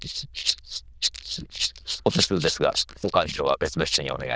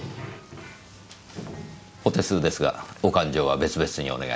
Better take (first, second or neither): second